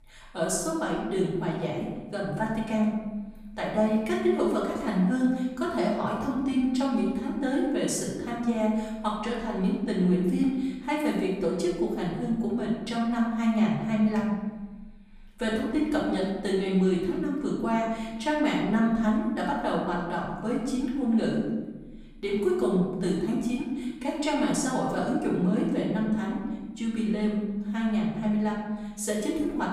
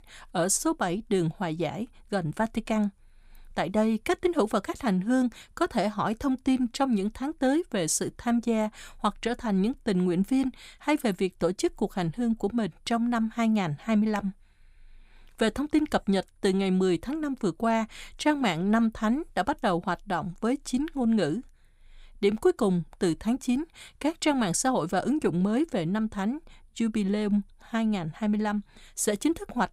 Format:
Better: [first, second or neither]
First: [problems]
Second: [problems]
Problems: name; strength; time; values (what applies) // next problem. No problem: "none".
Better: second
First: room echo; noticeable; dies away in 1.1 s // off-mic speech; far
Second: none